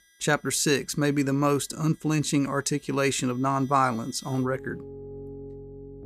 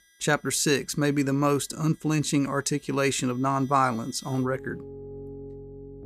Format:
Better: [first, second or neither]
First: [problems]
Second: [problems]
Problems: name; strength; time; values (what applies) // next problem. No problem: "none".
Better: neither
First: background music; noticeable; throughout; 20 dB below the speech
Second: background music; noticeable; throughout; 20 dB below the speech